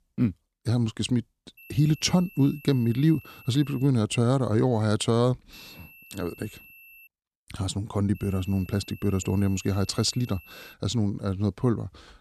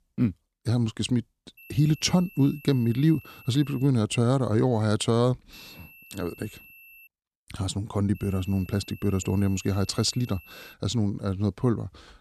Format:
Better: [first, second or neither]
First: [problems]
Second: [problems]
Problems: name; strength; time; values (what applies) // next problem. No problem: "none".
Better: neither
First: high-pitched whine; faint; from 1.5 to 4 s, from 5.5 to 7 s and from 8 to 11 s; 2.5 kHz, 25 dB below the speech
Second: high-pitched whine; faint; from 1.5 to 4 s, from 5.5 to 7 s and from 8 to 11 s; 2.5 kHz, 25 dB below the speech